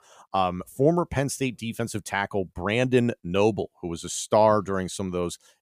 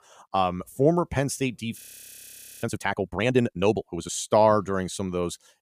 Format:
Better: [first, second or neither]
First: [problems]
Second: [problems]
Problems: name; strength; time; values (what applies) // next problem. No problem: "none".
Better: first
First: none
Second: audio freezing; at 2 s for 1 s